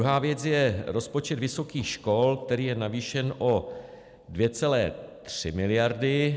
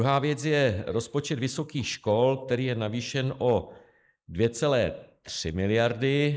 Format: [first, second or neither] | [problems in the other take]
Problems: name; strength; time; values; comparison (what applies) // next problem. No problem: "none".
first | noise reduction (neural mask model Resemble Enhance denoiser)